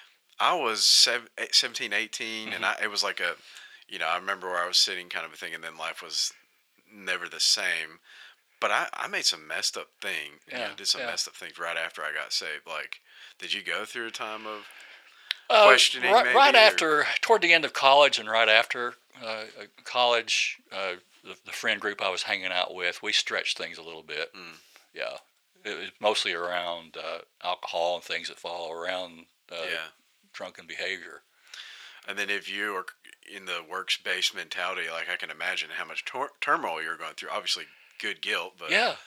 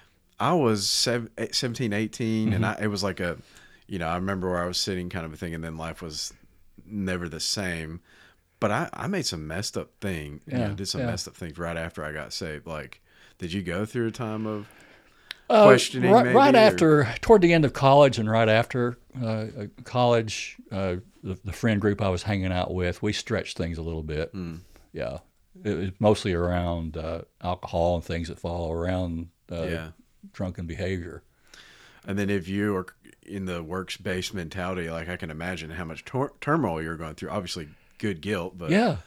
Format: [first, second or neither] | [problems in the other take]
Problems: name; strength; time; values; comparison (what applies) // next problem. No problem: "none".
second | thin; very; fading below 700 Hz